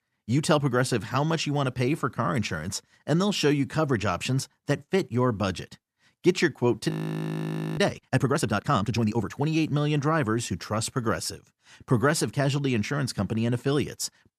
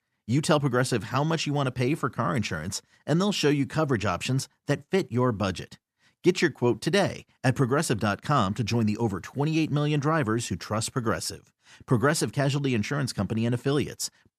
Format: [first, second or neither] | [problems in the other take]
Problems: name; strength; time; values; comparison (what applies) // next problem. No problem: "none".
second | audio freezing; at 7 s for 1 s